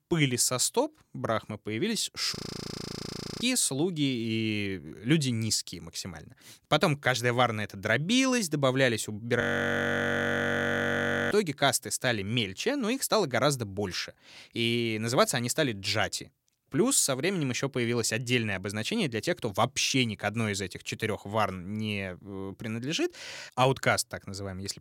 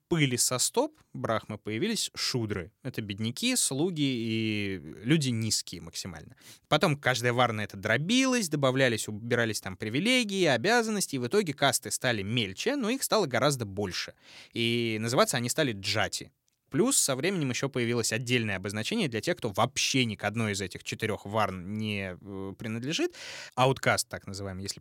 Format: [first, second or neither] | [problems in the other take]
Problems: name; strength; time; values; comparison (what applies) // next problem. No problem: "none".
second | audio freezing; at 2.5 s for 1 s and at 9.5 s for 2 s